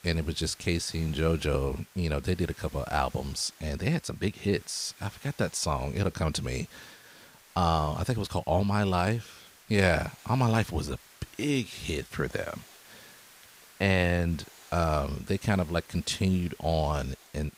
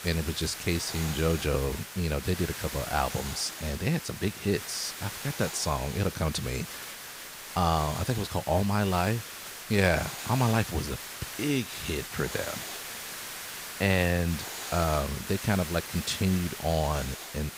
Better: first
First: hiss; faint; throughout; 25 dB below the speech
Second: hiss; loud; throughout; 8 dB below the speech

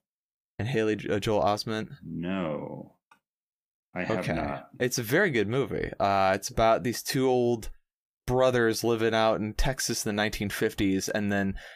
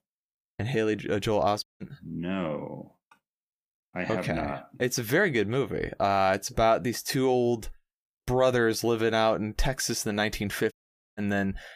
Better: first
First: none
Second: audio cutting out; at 1.5 s and at 11 s

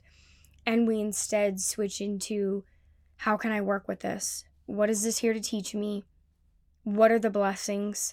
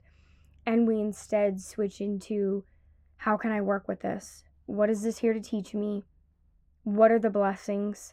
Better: first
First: none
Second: muffled; very; fading above 2.5 kHz

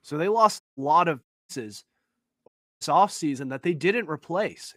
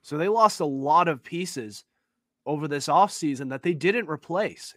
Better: second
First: audio cutting out; at 0.5 s, at 1 s and at 2.5 s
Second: none

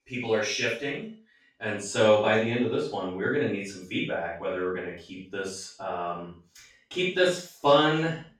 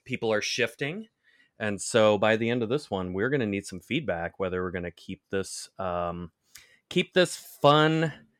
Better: second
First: room echo; noticeable; dies away in 0.4 s // off-mic speech; far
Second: none

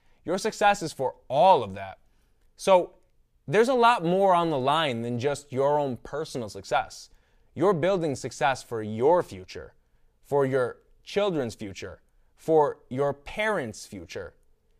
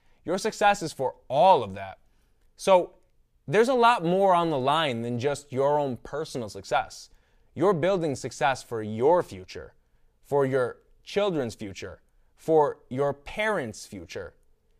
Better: neither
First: none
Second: none

